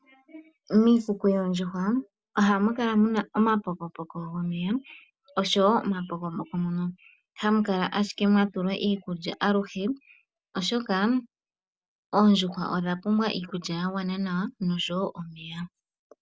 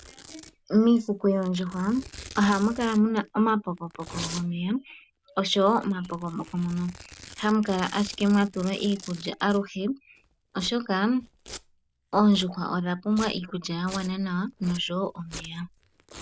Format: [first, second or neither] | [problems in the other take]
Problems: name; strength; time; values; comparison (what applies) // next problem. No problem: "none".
first | background sound (Domestic sounds, home sounds); 19 dB below the speech